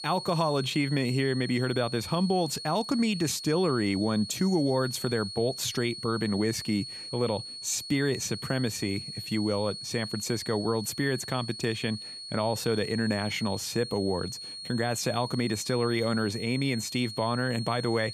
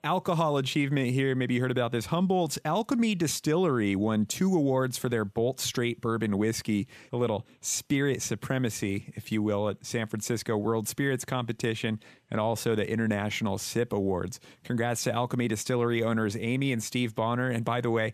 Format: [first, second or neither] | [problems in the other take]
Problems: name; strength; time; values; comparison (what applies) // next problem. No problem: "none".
second | high-pitched whine; loud; throughout; 4.5 kHz, 9 dB below the speech